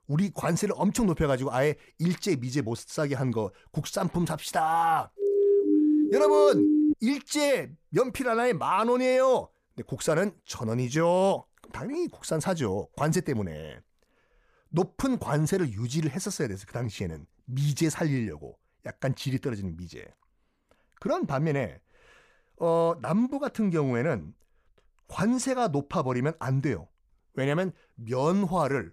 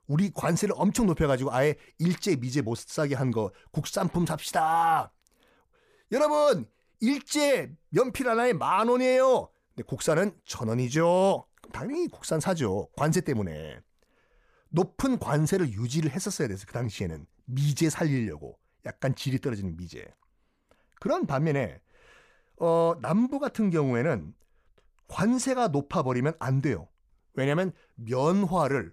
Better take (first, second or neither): second